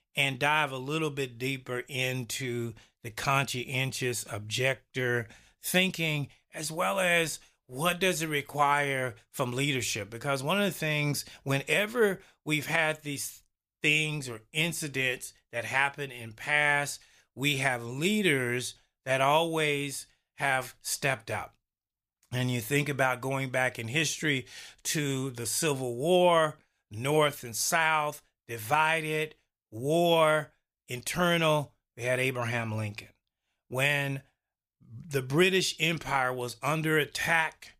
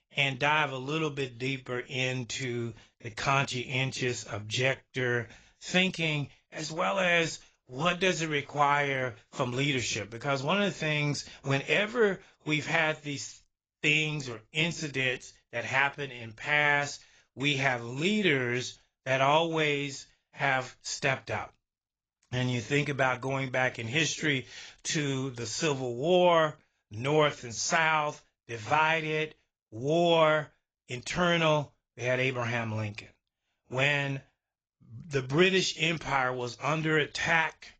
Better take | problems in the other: first | garbled, watery; badly; nothing above 7.5 kHz

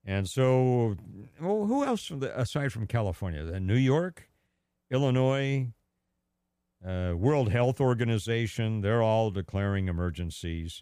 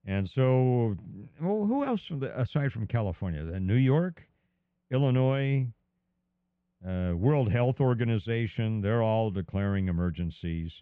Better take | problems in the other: first | muffled; very; fading above 3 kHz

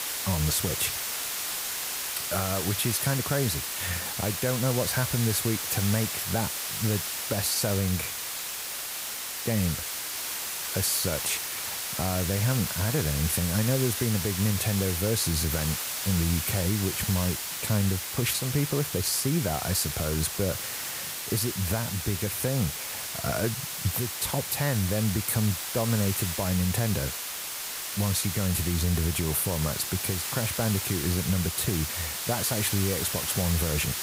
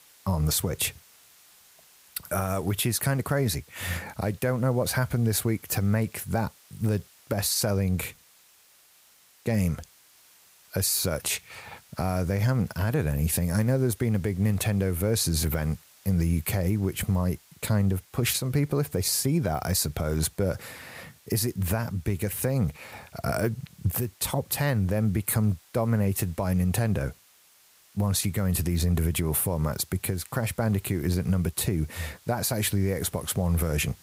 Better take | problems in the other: second | hiss; loud; throughout; 2 dB below the speech; faint in the second

